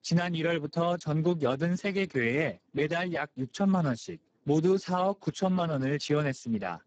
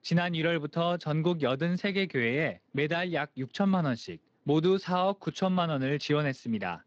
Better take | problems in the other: second | garbled, watery; badly; nothing above 7.5 kHz; slightly in the second

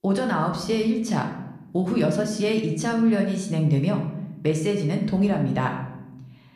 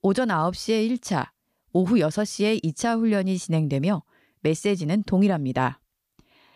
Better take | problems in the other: second | room echo; slight; dies away in 0.8 s

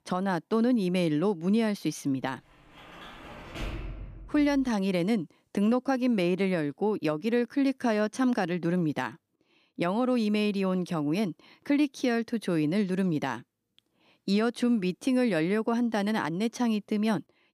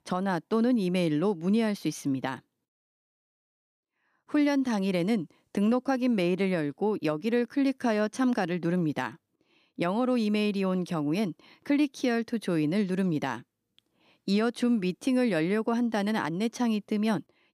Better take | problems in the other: second | door banging; noticeable; from 3 to 4.5 s; peak 10 dB below the speech

